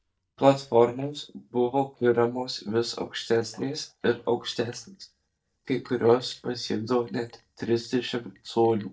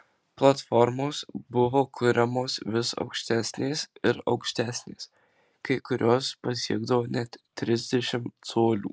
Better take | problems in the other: second | noise reduction (neural mask model DeepFilterNet 3)

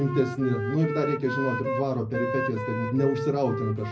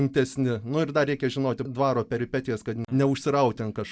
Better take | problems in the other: second | background sound (Wind instrument, woodwind instrument); 5 dB below the speech // room echo; dies away in 0.4 s

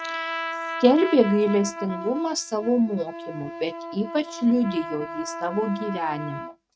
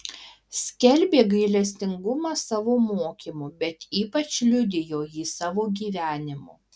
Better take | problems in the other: second | noise reduction (neural mask model RNNoise)

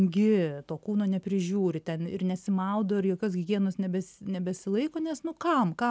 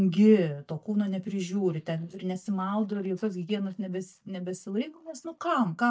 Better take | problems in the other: first | noise reduction (neural mask model DeepFilterNet 3)

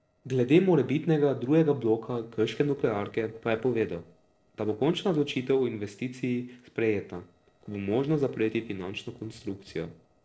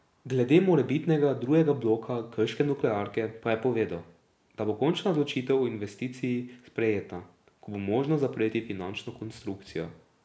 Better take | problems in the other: second | noise reduction (neural separator model SepFormer DNS4)

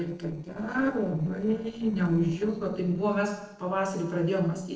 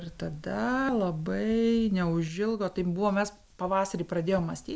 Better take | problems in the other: second | noise reduction (neural separator model SepFormer DNS4)

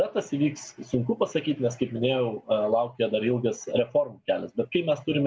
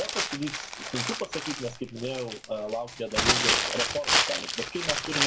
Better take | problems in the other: first | background sound (Crumpling, crinkling); 5 dB above the speech

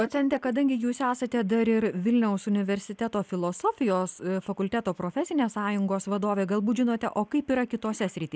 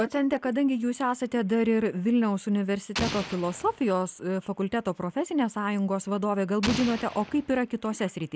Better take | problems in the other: first | background sound (Explosion); 9 dB below the speech

